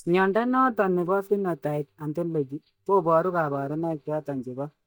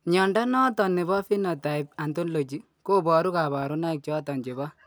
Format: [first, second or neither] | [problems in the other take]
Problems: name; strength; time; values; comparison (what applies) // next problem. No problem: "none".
second | noise reduction (neural mask model DeepFilterNet 3)